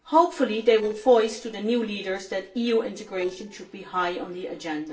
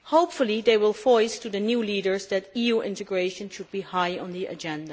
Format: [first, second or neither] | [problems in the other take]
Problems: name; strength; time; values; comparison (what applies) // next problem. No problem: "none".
second | noise reduction (neural separator model SepFormer DNS4)